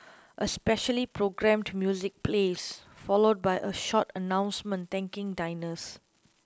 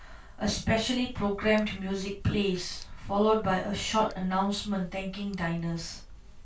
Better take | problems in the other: first | background sound (Tick); 15 dB below the speech // room echo; dies away in 0.2 s

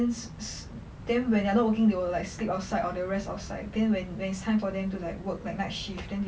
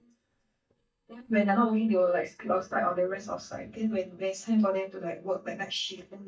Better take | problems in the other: first | noise reduction (neural mask model DeepFilterNet 3)

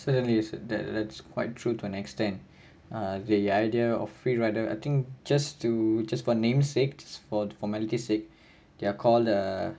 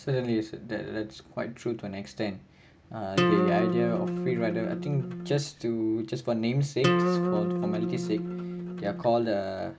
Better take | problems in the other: first | background sound (Acoustic guitar); 2 dB above the speech

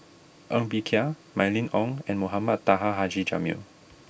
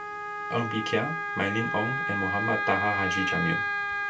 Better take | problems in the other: first | background sound (Wind instrument, woodwind instrument); 1 dB above the speech // room echo; dies away in 0.2 s

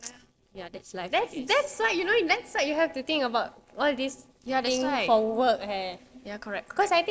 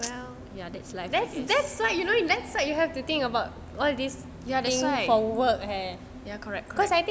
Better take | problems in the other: second | noise reduction (neural separator model SepFormer DNS4)

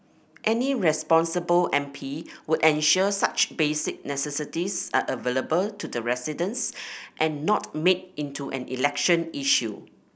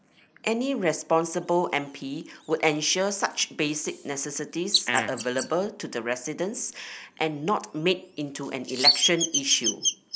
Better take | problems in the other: first | noise reduction (neural mask model Resemble Enhance denoiser)

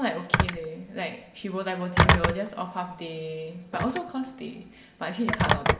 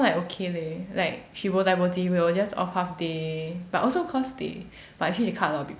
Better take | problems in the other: second | background sound (Telephone); 4 dB above the speech // room echo; dies away in 2.2 s

